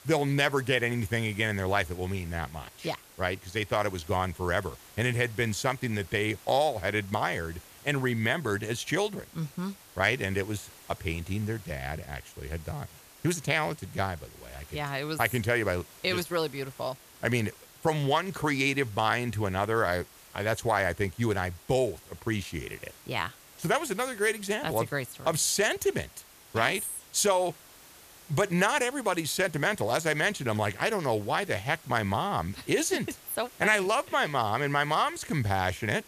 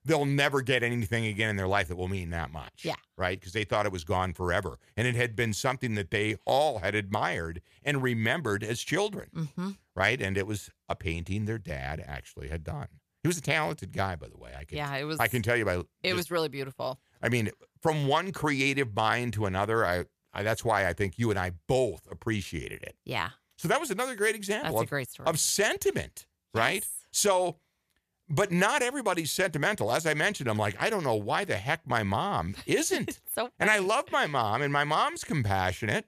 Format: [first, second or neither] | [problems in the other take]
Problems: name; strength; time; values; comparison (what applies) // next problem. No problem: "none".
second | hiss; faint; throughout; 20 dB below the speech